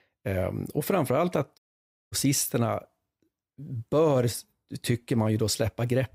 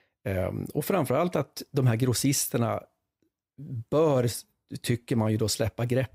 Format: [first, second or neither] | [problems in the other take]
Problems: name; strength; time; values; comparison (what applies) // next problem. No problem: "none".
second | audio cutting out; at 1.5 s for 0.5 s